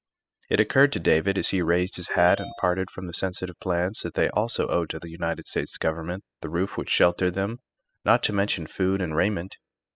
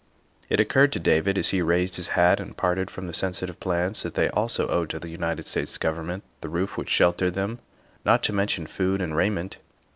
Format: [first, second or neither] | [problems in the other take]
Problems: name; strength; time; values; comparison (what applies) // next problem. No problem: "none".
second | noise reduction (classical method spectral subtraction)